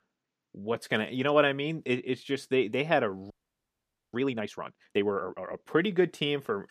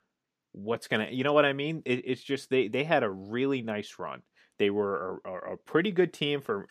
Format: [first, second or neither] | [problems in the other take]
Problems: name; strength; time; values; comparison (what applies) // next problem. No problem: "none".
second | audio freezing; at 3.5 s for 1 s